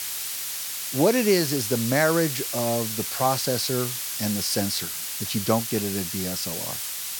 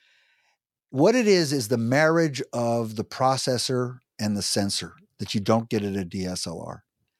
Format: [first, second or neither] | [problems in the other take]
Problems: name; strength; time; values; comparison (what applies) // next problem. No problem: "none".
second | hiss; loud; throughout; 3 dB below the speech